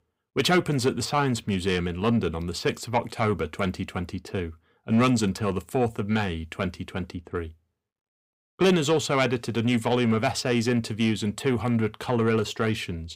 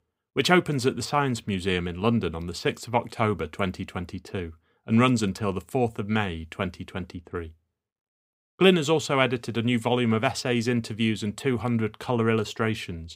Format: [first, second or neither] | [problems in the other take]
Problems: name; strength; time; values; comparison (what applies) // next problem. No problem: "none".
second | distortion; slight; 10 dB below the speech